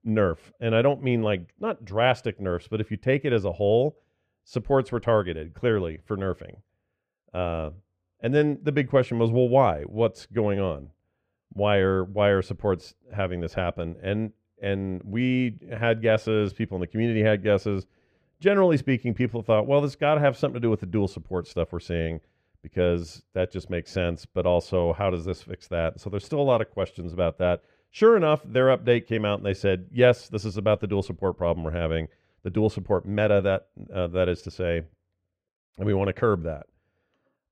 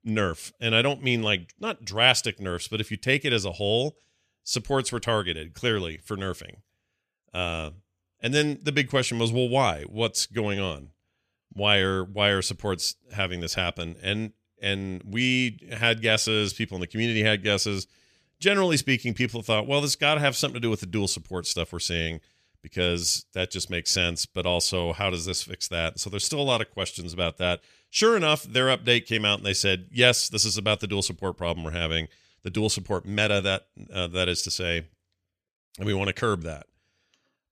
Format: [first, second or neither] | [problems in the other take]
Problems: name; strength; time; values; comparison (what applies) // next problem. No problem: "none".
second | muffled; very; fading above 3 kHz